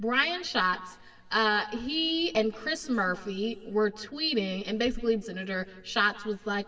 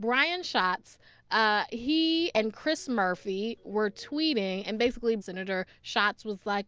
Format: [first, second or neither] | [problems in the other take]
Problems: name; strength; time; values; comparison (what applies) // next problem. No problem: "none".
second | room echo; dies away in 1.9 s